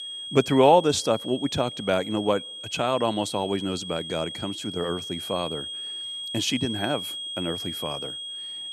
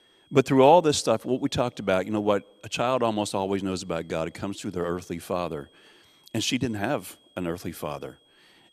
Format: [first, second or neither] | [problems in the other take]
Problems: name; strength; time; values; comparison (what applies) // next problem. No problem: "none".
second | high-pitched whine; loud; throughout; 3.5 kHz, 7 dB below the speech; faint in the second